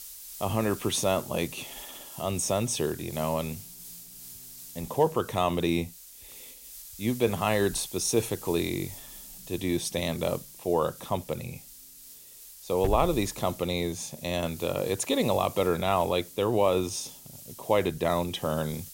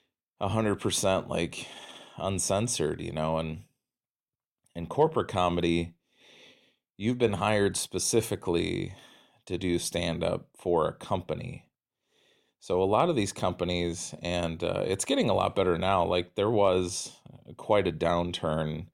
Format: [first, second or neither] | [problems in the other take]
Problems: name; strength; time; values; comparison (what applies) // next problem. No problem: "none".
second | hiss; noticeable; throughout; 15 dB below the speech